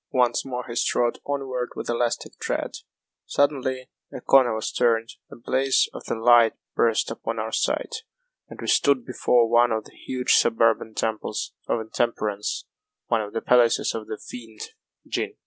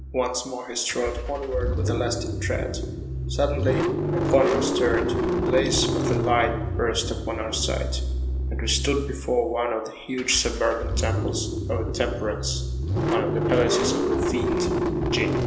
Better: first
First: none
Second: background sound (Engine starting / Car); 1 dB above the speech // room echo; dies away in 0.8 s

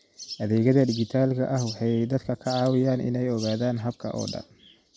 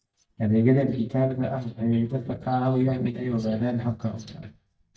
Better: first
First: none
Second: noise reduction (neural mask model DeepFilterNet 3)

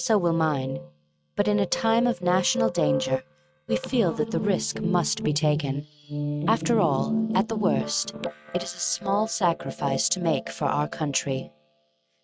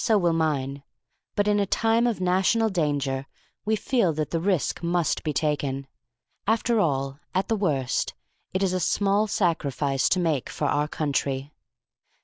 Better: second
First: noise reduction (neural mask model RNNoise)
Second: none

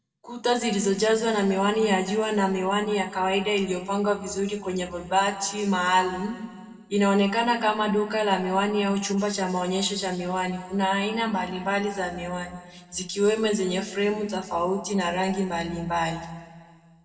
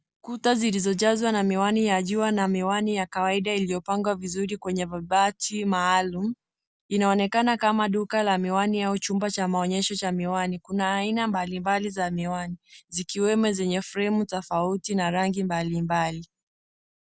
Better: second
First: room echo; dies away in 1.3 s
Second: none

